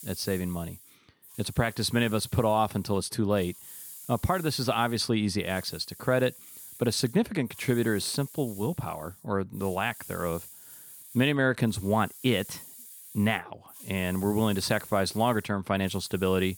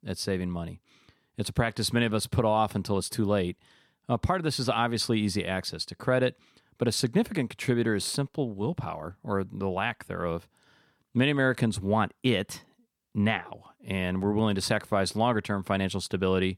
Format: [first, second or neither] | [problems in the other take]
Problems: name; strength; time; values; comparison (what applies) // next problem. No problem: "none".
second | hiss; noticeable; throughout; 15 dB below the speech